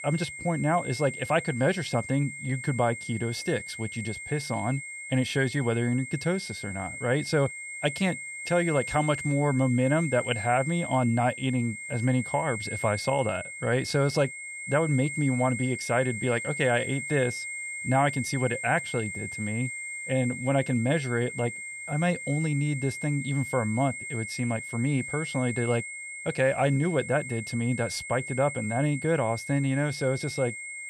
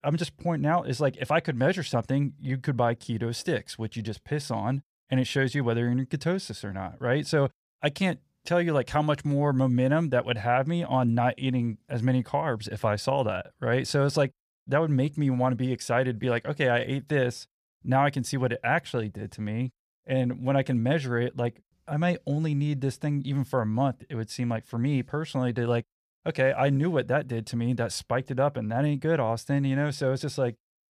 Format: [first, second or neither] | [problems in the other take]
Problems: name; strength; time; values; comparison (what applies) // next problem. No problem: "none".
second | high-pitched whine; loud; throughout; 2 kHz, 7 dB below the speech